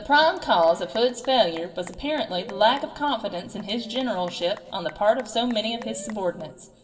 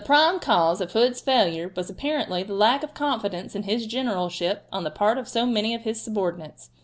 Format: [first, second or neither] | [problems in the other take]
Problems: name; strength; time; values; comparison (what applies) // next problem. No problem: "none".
second | background sound (Applause / Cheering / Clapping); 19 dB below the speech // room echo; dies away in 1.6 s